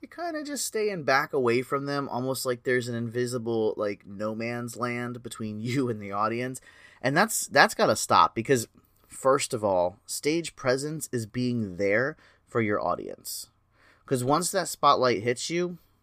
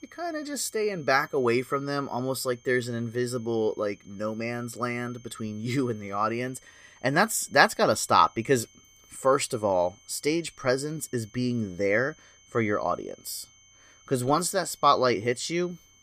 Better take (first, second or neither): first